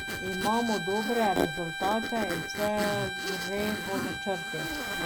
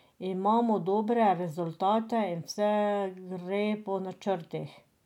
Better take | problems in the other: second | background sound (Zipper (clothing) + Bowed string instrument); 2 dB below the speech

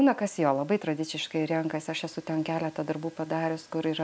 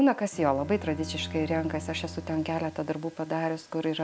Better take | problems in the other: first | background sound (Bowed string instrument); 14 dB below the speech

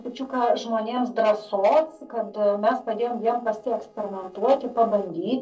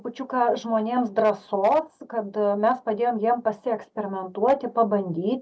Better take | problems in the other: second | noise reduction (neural separator model SepFormer DNS4)

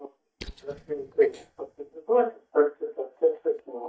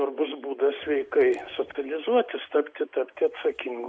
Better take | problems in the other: second | noise reduction (neural mask model DeepFilterNet 3)

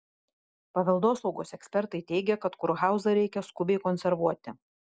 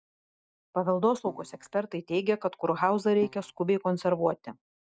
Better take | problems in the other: first | noise reduction (neural mask model DeepFilterNet 3)

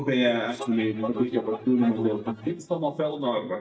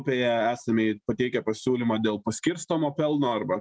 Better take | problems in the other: second | noise reduction (neural mask model DeepFilterNet 3)

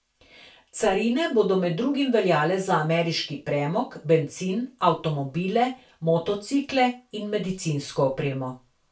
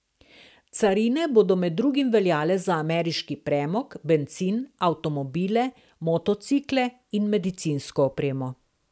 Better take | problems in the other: second | room echo; dies away in 0.3 s

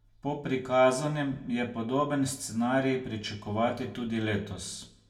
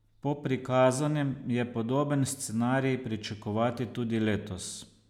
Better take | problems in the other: second | room echo; dies away in 0.2 s

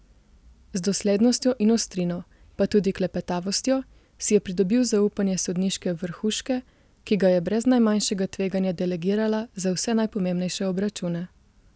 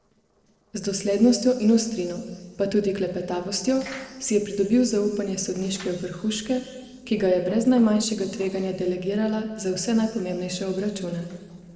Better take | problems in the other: first | noise reduction (neural separator model SepFormer DNS4)

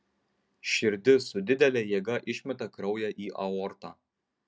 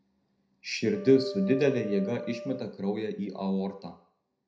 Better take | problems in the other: first | background sound (Wind instrument, woodwind instrument); 13 dB below the speech // room echo; dies away in 0.5 s

